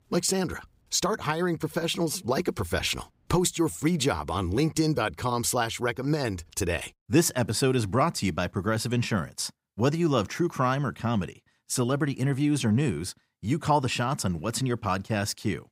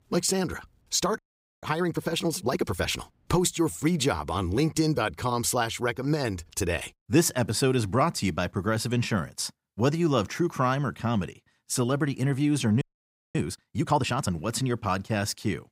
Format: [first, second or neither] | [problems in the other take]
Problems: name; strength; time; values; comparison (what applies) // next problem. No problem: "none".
first | audio freezing; at 1 s and at 13 s for 0.5 s